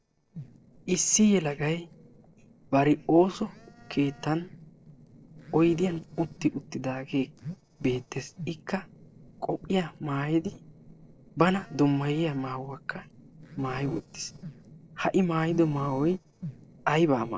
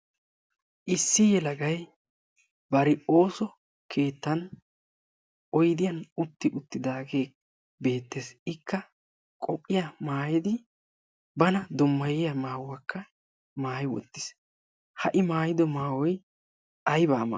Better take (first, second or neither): second